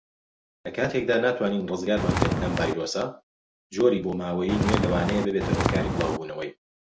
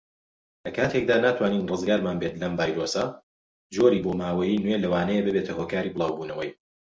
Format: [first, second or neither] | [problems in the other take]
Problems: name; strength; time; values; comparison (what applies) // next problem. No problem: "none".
second | background sound (Walk, footsteps); 2 dB above the speech